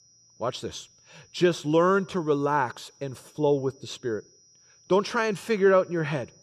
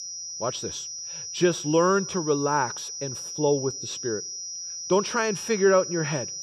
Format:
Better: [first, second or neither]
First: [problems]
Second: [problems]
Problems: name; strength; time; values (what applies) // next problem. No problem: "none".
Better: first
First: high-pitched whine; faint; throughout; 6 kHz, 30 dB below the speech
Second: high-pitched whine; loud; throughout; 6 kHz, 7 dB below the speech